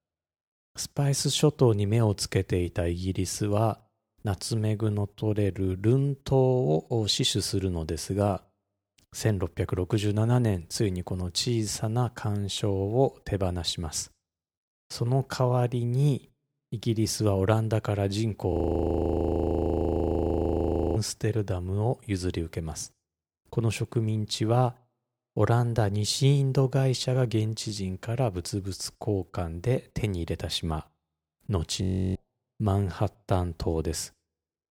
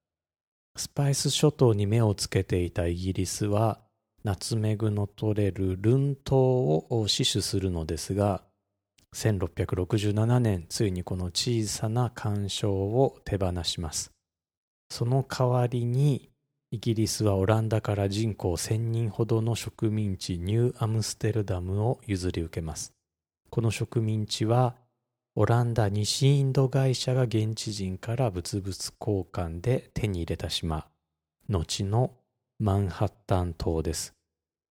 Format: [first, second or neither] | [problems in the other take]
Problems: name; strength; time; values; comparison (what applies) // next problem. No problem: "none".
second | audio freezing; at 19 s for 2.5 s and at 32 s